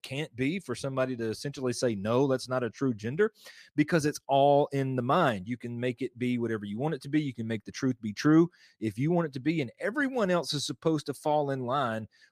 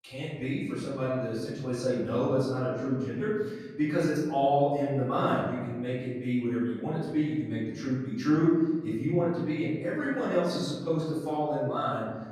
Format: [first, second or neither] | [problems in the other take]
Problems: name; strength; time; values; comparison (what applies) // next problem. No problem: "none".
first | off-mic speech; far // room echo; strong; dies away in 1.4 s